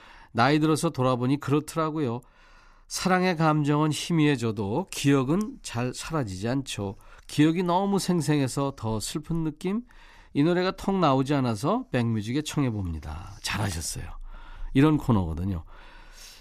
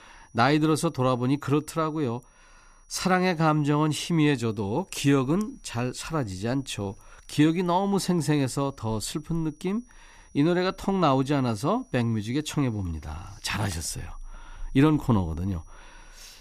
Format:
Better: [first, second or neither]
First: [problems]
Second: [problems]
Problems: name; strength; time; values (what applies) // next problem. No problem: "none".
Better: first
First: none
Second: high-pitched whine; faint; throughout; 6 kHz, 35 dB below the speech